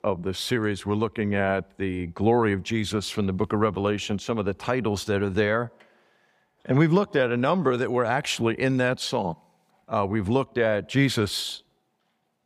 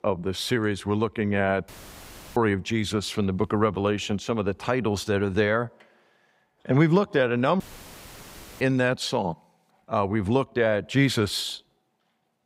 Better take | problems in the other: first | audio cutting out; filled with static; at 1.5 s for 0.5 s and at 7.5 s for 1 s

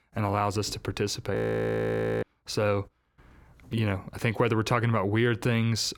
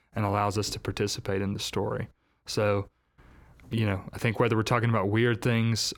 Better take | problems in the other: second | audio freezing; at 1.5 s for 1 s

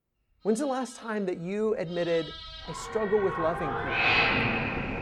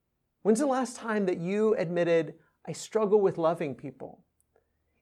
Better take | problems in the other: second | animal sounds; very loud; throughout; 2 dB above the speech

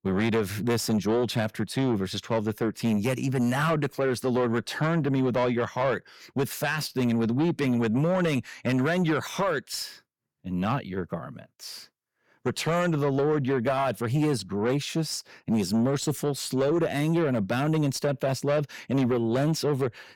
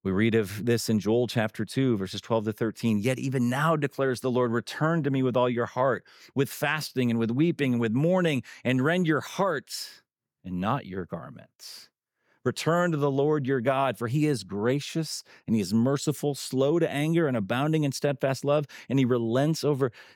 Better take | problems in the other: second | distortion; slight; 10 dB below the speech

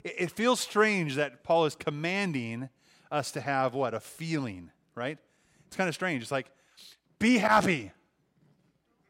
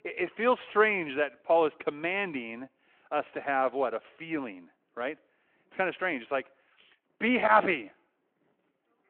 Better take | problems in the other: first | phone-call audio

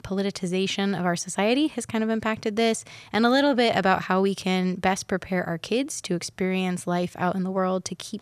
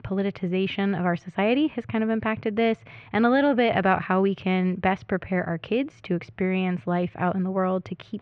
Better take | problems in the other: first | muffled; very; fading above 2.5 kHz

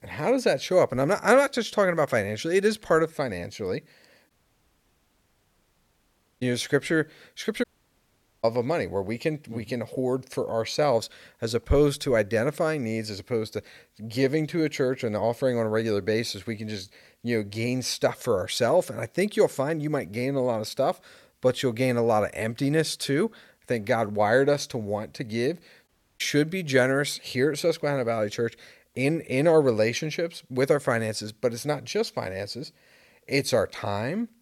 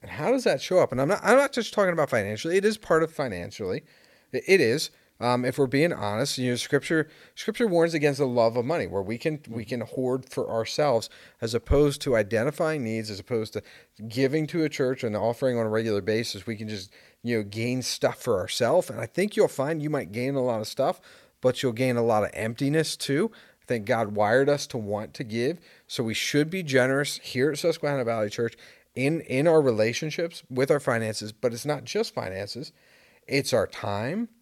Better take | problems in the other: second | audio cutting out; at 4.5 s for 2 s, at 7.5 s for 1 s and at 26 s

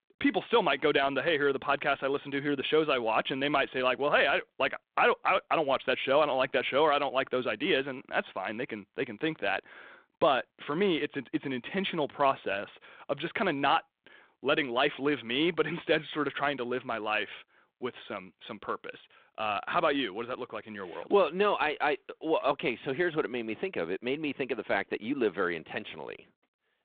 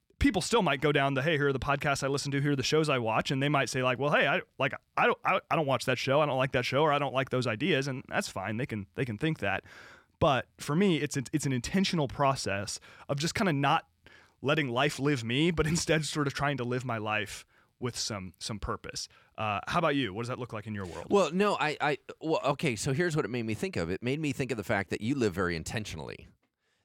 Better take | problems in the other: second | phone-call audio

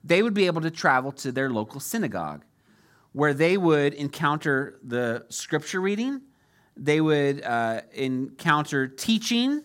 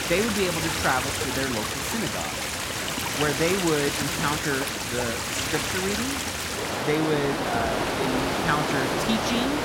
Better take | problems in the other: first | rain or running water; very loud; throughout; 2 dB above the speech

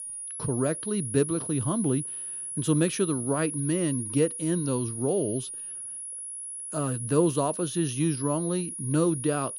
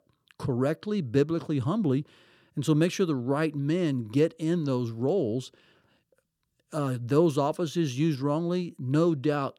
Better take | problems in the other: second | high-pitched whine; loud; throughout; 10.5 kHz, 6 dB below the speech

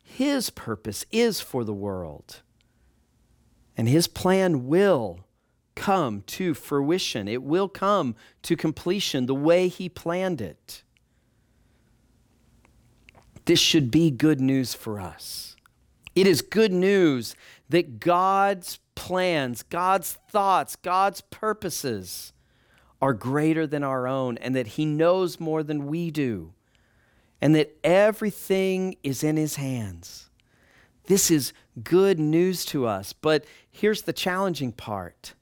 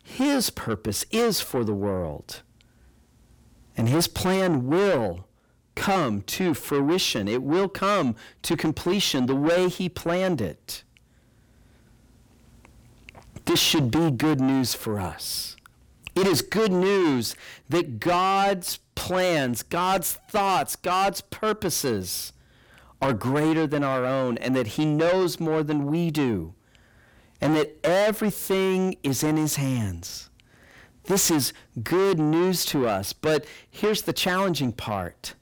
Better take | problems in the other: first | distortion; heavy; 7 dB below the speech

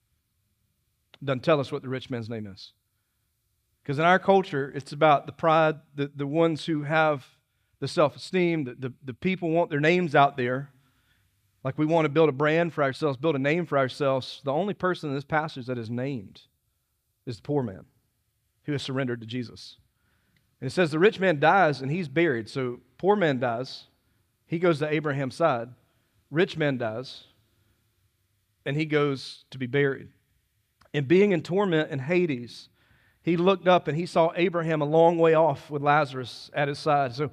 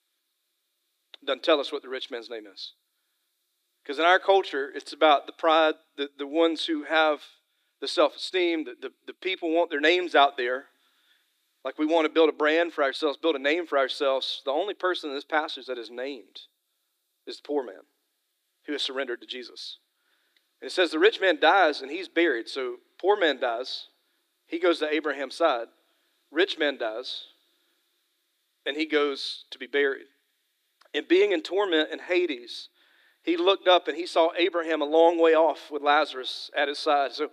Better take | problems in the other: first | thin; somewhat; fading below 300 Hz

